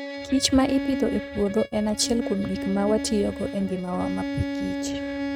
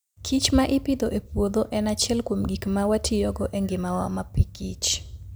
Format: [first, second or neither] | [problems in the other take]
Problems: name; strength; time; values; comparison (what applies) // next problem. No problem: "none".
second | noise reduction (neural mask model RNNoise)